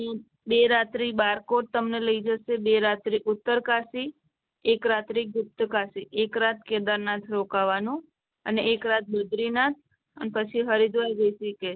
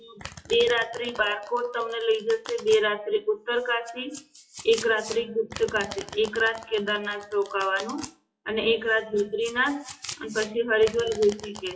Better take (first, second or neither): first